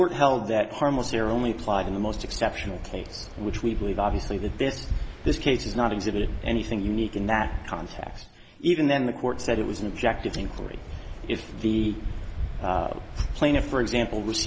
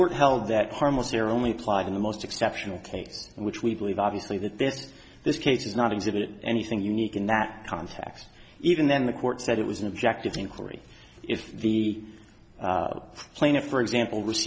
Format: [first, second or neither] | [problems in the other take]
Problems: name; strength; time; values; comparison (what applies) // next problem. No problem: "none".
second | background sound (Waves, surf); 7 dB below the speech